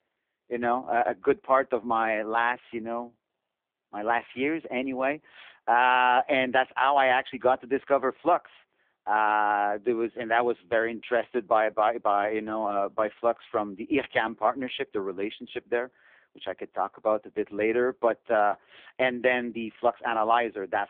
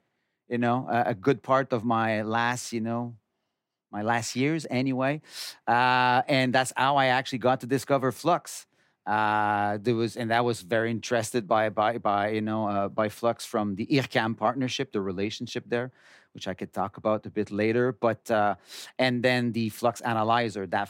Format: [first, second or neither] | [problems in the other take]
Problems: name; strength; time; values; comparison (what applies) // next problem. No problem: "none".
second | phone-call audio; poor line; nothing above 3.5 kHz